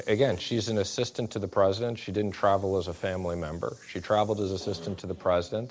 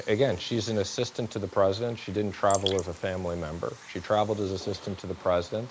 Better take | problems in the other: first | noise reduction (neural mask model Resemble Enhance denoiser)

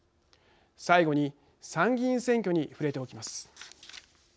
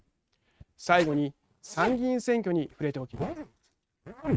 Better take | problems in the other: first | noise reduction (neural mask model RNNoise)

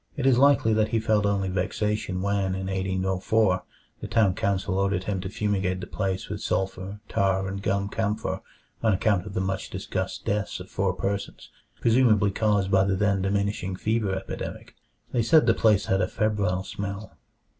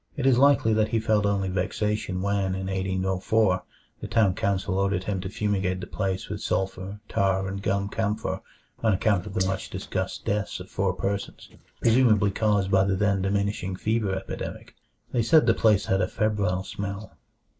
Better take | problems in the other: first | noise reduction (neural mask model Resemble Enhance denoiser)

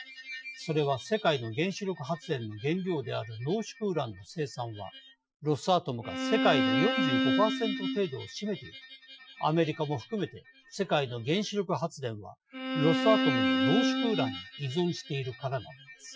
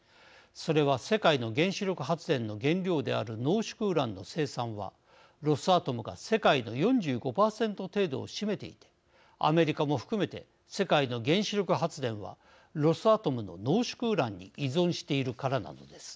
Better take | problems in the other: second | noise reduction (classical method Wiener filter)

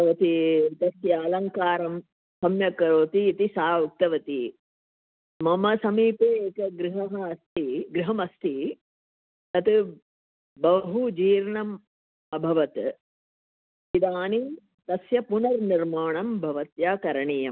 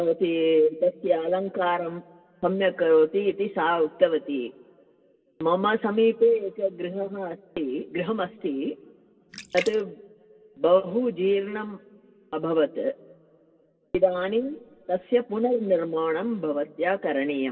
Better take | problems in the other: first | background sound (Splash, splatter); 16 dB below the speech // room echo; dies away in 1.8 s

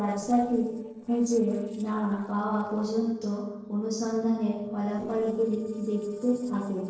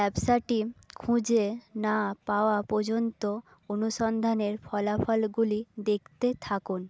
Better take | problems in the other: second | noise reduction (neural separator model SepFormer DNS4)

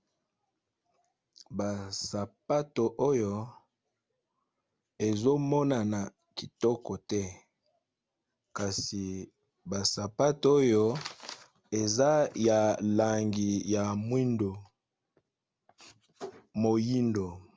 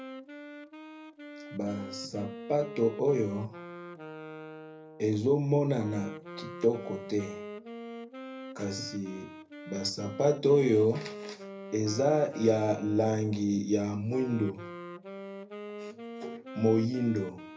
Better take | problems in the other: first | background sound (Wind instrument, woodwind instrument); 13 dB below the speech // room echo; dies away in 0.3 s

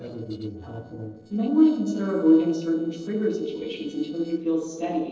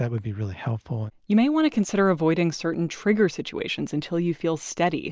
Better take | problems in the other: second | noise reduction (neural separator model SepFormer DNS4)

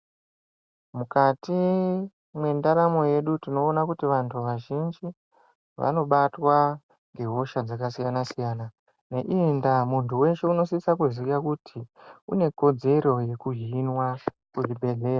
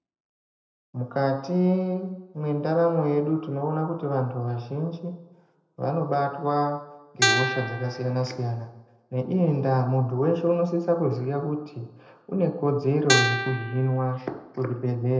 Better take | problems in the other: first | background sound (Guitar); as loud as the speech // room echo; dies away in 0.7 s

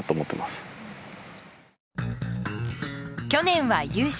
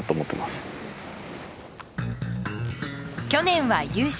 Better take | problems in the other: first | background sound (Waves, surf); 13 dB below the speech

